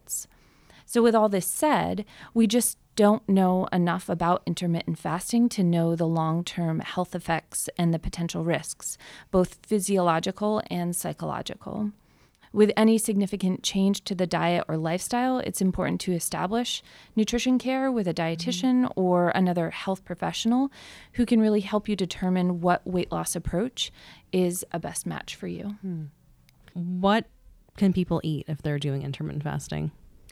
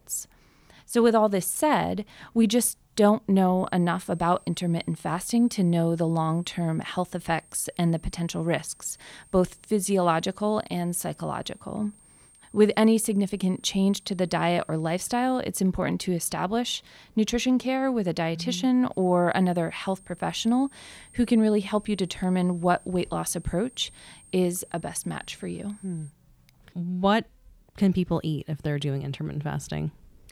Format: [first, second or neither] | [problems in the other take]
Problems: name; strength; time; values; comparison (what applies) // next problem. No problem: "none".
first | high-pitched whine; faint; from 3.5 to 15 s and from 19 to 26 s; 8.5 kHz, 25 dB below the speech